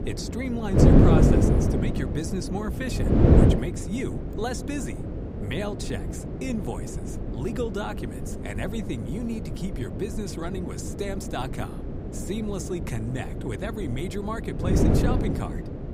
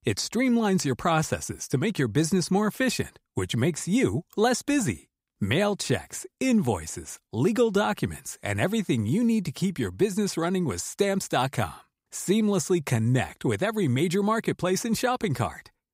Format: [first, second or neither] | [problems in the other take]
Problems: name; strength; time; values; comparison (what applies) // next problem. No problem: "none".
second | wind noise on the microphone; heavy; 3 dB above the speech